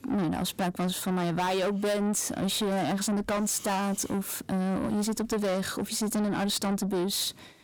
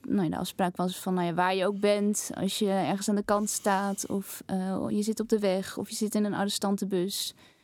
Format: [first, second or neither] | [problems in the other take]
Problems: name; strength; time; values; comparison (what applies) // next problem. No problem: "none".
second | distortion; heavy; 7 dB below the speech